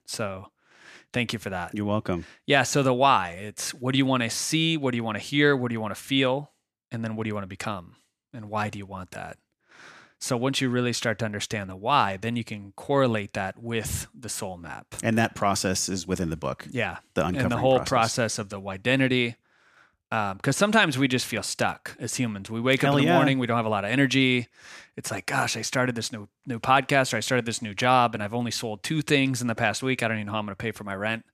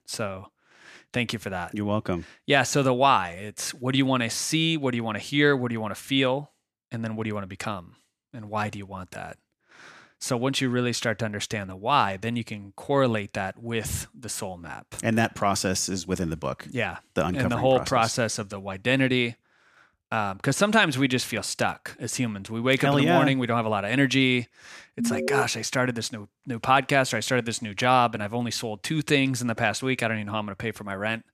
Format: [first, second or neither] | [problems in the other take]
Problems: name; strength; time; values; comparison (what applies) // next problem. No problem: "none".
first | alarm; noticeable; at 25 s; peak 1 dB below the speech